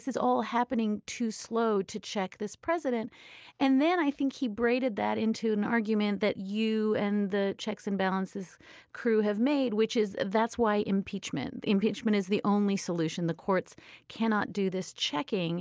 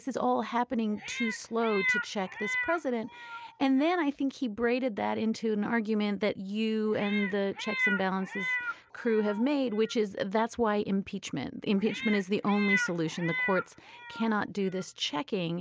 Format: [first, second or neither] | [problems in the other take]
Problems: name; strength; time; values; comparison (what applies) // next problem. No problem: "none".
first | background sound (Meow); 6 dB below the speech